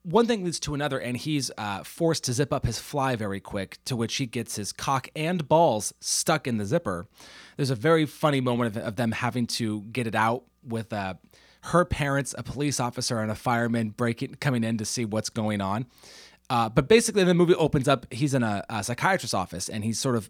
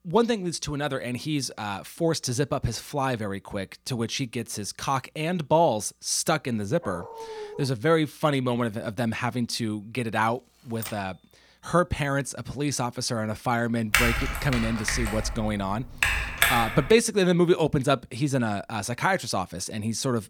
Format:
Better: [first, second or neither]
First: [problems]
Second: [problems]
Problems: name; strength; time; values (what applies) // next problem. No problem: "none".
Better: first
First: none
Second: dog barking; faint; at 7 s; peak 10 dB below the speech // keyboard typing; faint; at 11 s; peak 10 dB below the speech // keyboard typing; loud; from 14 to 17 s; peak 4 dB above the speech